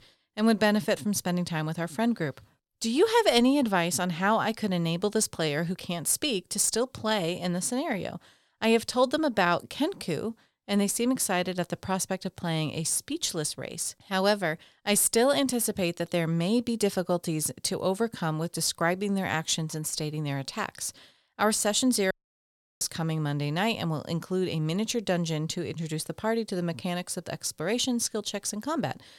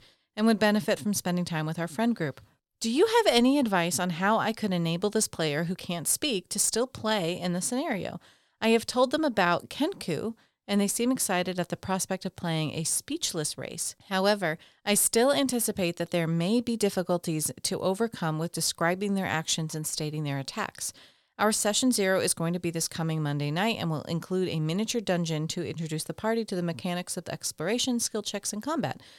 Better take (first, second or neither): second